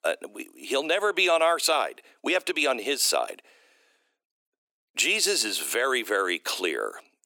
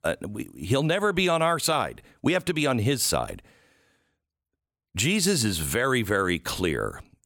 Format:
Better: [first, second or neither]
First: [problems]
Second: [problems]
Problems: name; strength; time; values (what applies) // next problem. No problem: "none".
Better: second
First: thin; very; fading below 350 Hz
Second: none